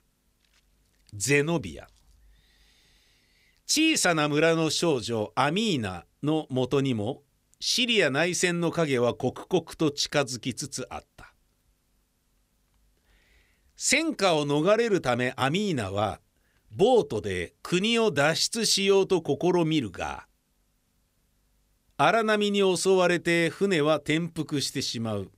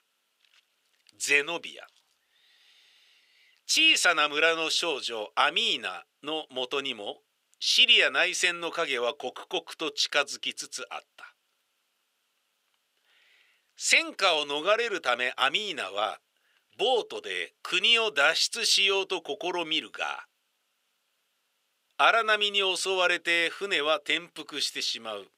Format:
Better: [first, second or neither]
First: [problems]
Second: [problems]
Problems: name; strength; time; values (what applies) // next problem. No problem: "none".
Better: first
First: none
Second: thin; very; fading below 550 Hz